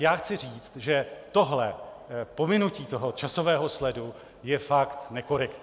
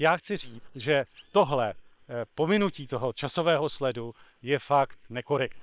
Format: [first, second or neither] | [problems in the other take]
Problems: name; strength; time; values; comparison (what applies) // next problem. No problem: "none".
first | noise reduction (neural separator model SepFormer WHAM!)